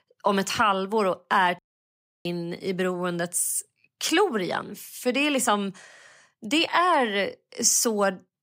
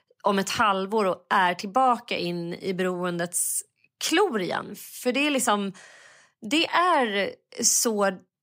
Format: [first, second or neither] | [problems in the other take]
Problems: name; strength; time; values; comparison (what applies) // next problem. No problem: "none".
second | audio cutting out; at 1.5 s for 0.5 s